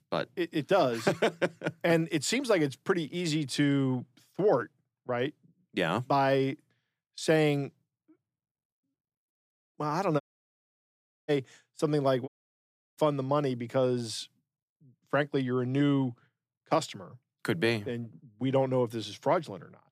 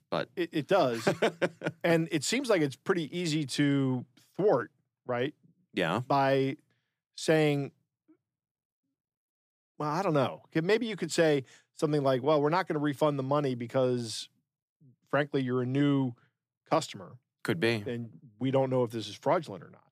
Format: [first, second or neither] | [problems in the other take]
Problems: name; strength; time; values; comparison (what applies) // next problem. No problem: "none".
second | audio cutting out; at 10 s for 1 s and at 12 s for 0.5 s